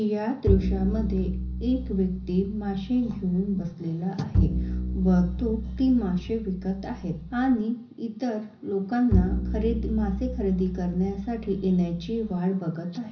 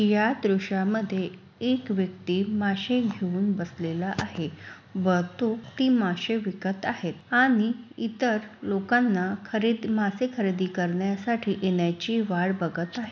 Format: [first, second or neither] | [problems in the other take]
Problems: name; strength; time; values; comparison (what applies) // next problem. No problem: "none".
second | background sound (Bowed string instrument); 3 dB below the speech // room echo; dies away in 0.5 s